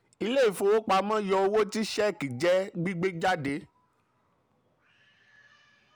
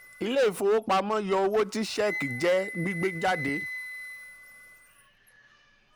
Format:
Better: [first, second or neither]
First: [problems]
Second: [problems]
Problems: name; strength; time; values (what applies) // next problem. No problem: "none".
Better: first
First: none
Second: background sound (Wind instrument, woodwind instrument); 12 dB below the speech